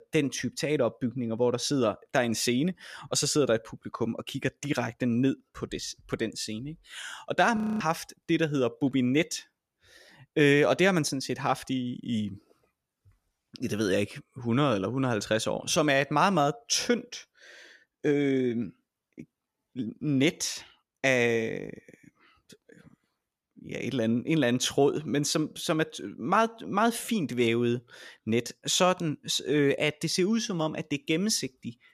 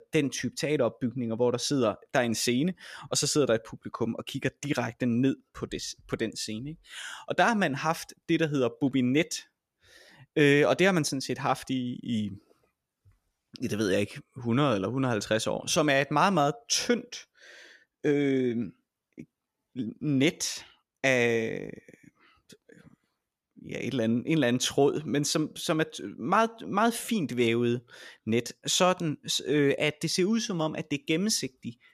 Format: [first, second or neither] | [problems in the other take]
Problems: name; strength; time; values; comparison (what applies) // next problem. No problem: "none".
second | audio freezing; at 7.5 s